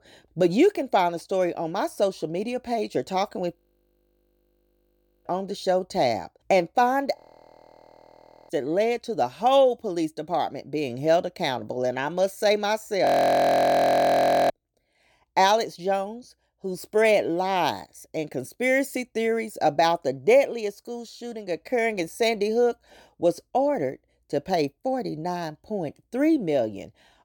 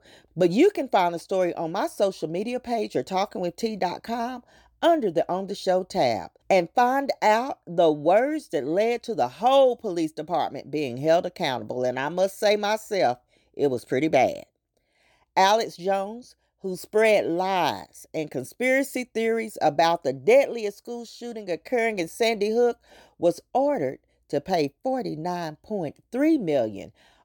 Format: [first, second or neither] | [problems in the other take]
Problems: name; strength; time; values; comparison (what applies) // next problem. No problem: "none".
second | audio freezing; at 3.5 s for 1.5 s, at 7 s for 1.5 s and at 13 s for 1.5 s